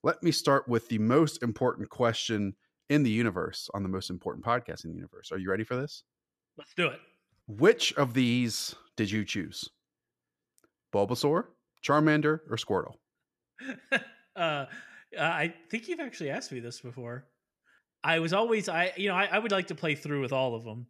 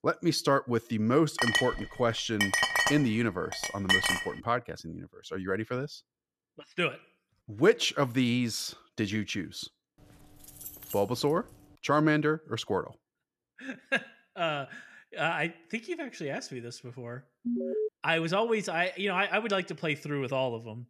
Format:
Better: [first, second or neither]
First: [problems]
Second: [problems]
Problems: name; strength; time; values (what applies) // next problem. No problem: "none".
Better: first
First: none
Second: clattering dishes; loud; from 1.5 to 4 s; peak 5 dB above the speech // jangling keys; faint; from 10 to 12 s; peak 10 dB below the speech // alarm; noticeable; at 17 s; peak 1 dB below the speech